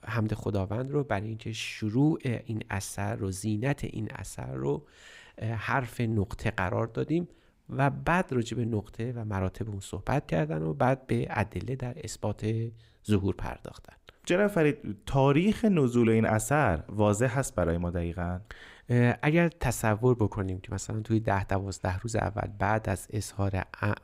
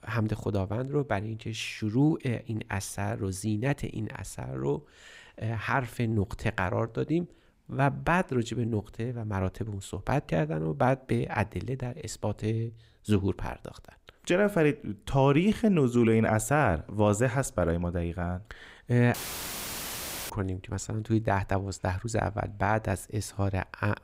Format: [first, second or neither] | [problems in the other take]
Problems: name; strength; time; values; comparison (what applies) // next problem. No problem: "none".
first | audio cutting out; filled with static; at 19 s for 1 s